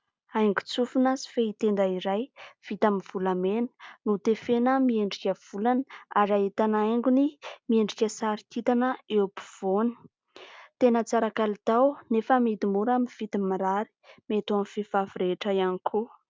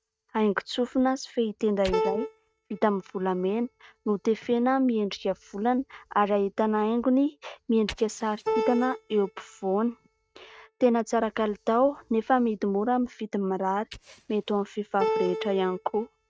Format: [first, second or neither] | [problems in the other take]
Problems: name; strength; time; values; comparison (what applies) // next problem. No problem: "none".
first | noise reduction (neural mask model RNNoise)